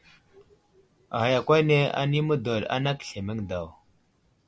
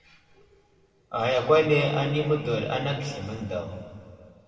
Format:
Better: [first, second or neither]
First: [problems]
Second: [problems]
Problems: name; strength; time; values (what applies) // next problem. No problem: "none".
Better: first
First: none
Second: room echo; dies away in 2.2 s